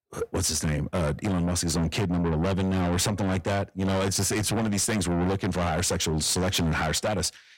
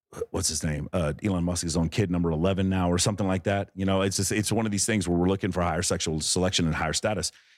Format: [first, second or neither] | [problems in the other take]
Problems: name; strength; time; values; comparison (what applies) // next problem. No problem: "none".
second | distortion; heavy; 8 dB below the speech